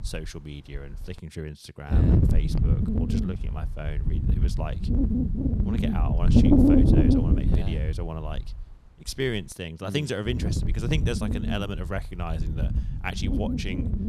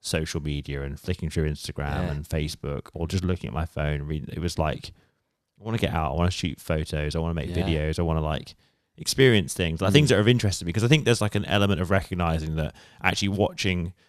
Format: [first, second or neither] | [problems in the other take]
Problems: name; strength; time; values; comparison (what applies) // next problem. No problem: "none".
second | wind noise on the microphone; heavy; 4 dB above the speech